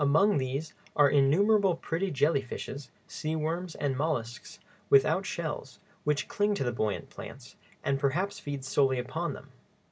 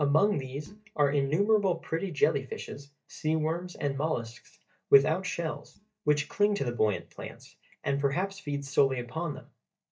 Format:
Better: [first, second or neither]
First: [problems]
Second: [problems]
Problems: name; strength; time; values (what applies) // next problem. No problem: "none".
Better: first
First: none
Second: noise reduction (neural mask model DeepFilterNet 3)